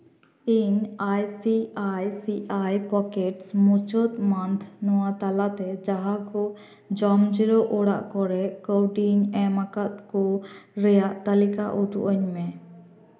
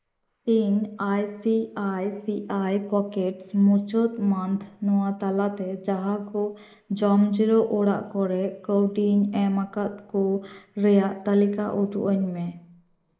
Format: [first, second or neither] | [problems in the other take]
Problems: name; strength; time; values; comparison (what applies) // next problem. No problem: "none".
first | noise reduction (neural mask model Resemble Enhance denoiser)